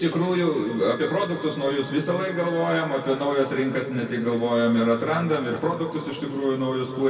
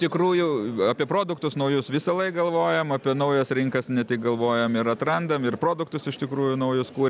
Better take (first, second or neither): second